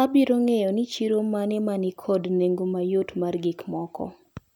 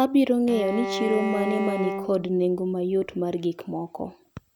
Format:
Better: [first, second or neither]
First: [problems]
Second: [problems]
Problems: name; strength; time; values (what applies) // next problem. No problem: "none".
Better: first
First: none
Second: background sound (Bowed string instrument); 6 dB below the speech